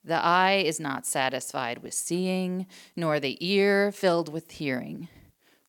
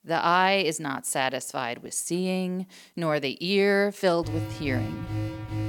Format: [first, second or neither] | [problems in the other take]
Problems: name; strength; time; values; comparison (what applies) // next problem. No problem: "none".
first | alarm; noticeable; from 4 s on; peak 6 dB below the speech